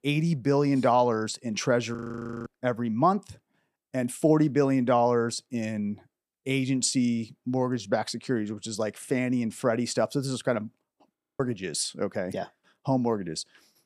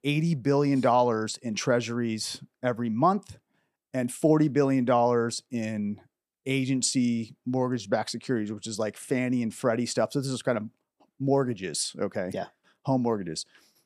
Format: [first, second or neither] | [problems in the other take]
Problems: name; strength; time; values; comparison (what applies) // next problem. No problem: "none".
second | audio freezing; at 2 s for 0.5 s and at 11 s